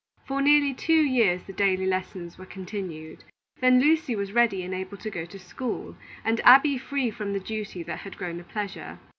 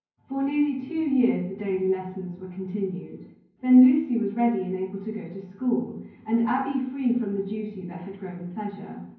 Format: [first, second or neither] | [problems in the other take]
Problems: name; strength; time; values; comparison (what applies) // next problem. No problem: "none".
first | room echo; dies away in 0.9 s